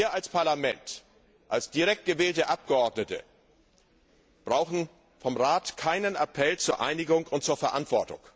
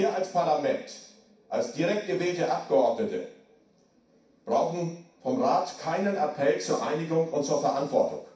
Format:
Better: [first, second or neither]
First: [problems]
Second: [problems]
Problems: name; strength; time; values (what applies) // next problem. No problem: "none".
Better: first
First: none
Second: room echo; dies away in 0.6 s